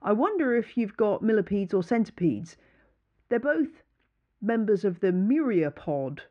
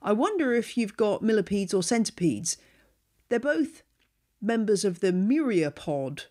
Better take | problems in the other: second | muffled; very; fading above 1.5 kHz

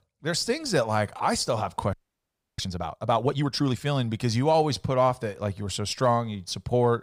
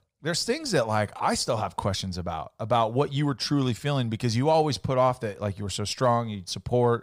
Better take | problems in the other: second | audio freezing; at 2 s for 0.5 s

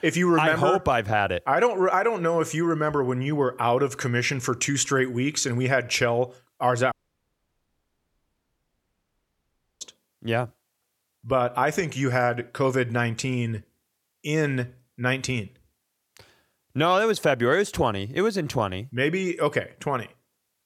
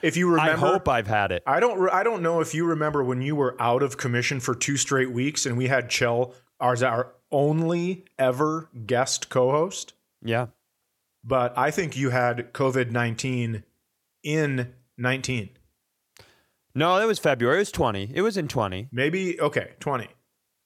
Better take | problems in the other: second | audio cutting out; at 7 s for 3 s

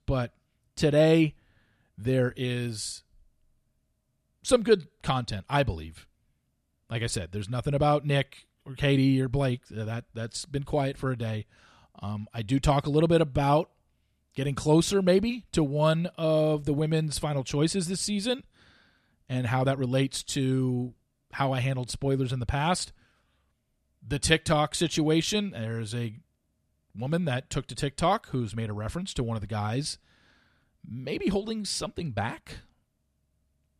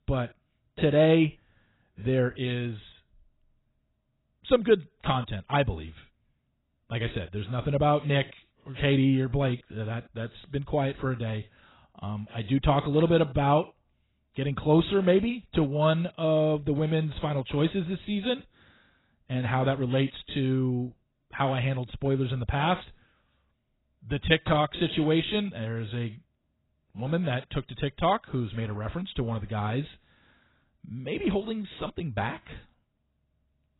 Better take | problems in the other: first | garbled, watery; badly; nothing above 4 kHz

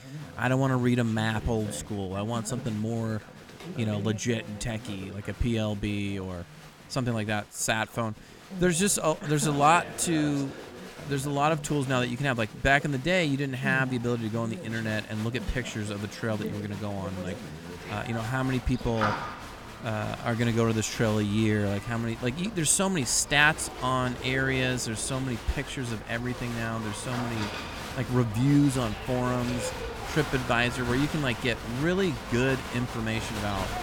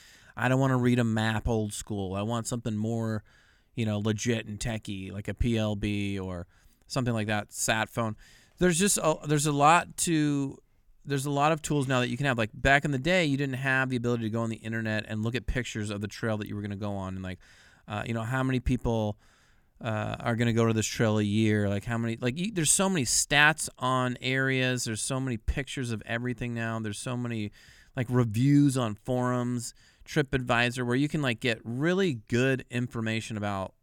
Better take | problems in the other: second | crowd noise; noticeable; throughout; 10 dB below the speech

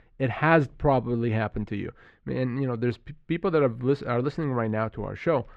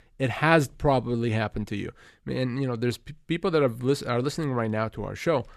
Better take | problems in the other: second | muffled; slightly; fading above 2.5 kHz

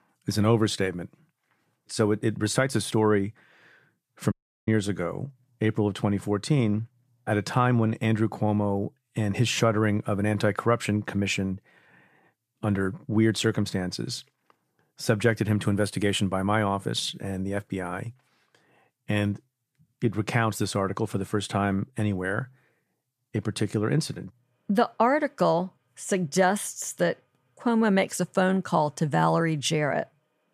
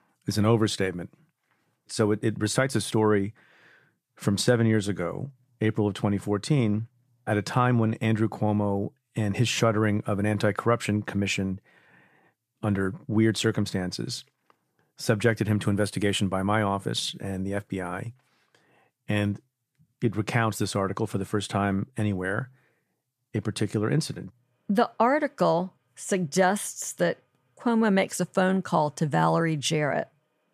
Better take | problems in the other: second | audio cutting out; at 4.5 s

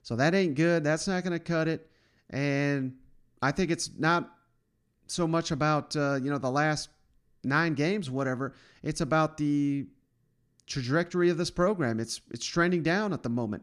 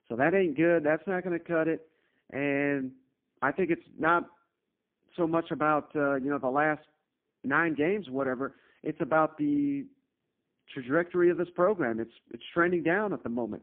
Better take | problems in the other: first | phone-call audio; poor line

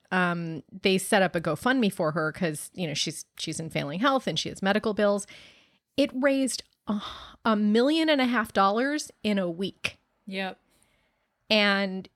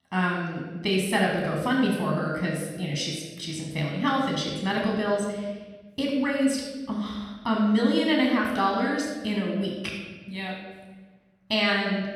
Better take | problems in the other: first | off-mic speech; somewhat distant // room echo; noticeable; dies away in 1.3 s

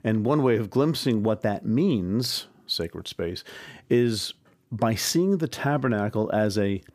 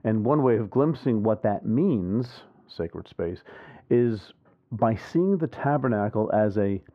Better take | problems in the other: first | muffled; very; fading above 3.5 kHz

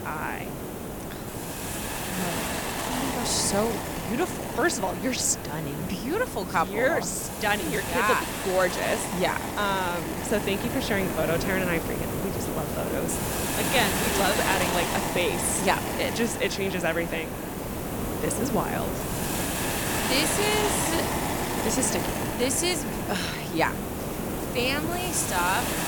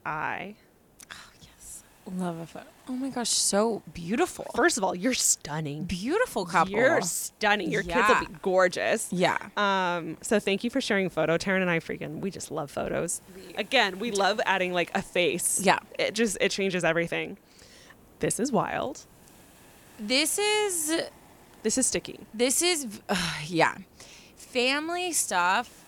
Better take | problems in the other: second | hiss; loud; throughout; 2 dB below the speech; faint in the second

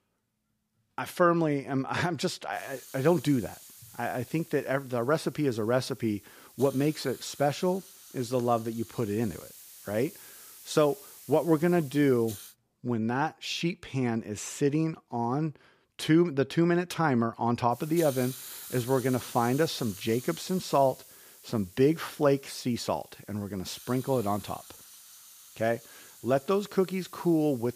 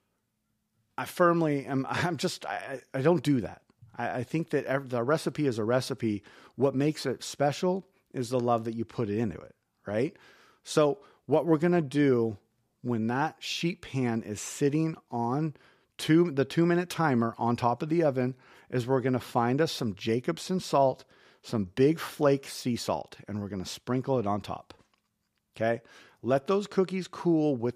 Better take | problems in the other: second | hiss; noticeable; from 2.5 to 13 s and from 18 s on; 15 dB below the speech

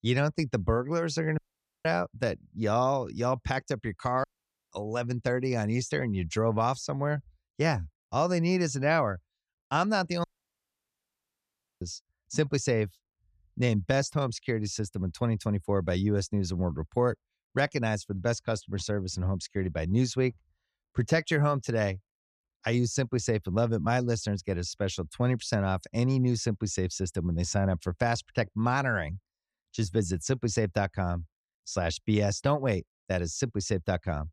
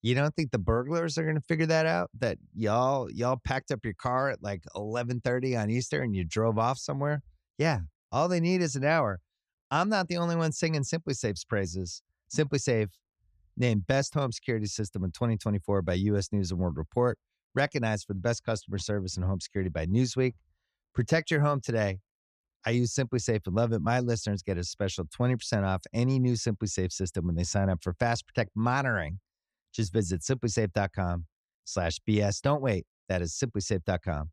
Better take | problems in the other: second | audio cutting out; at 1.5 s, at 4 s and at 10 s for 1.5 s

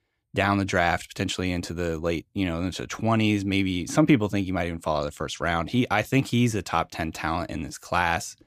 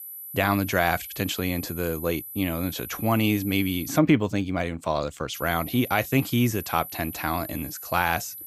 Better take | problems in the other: first | high-pitched whine; noticeable; until 4 s and from 5.5 s on; 12 kHz, 10 dB below the speech

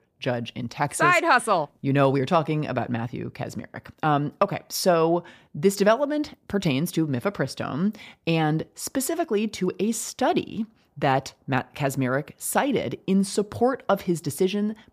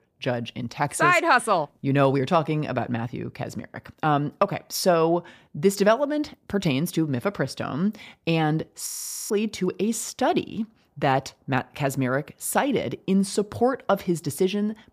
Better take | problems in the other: first | audio freezing; at 9 s

